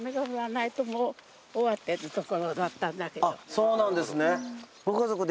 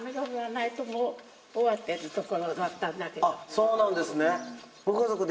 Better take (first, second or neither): first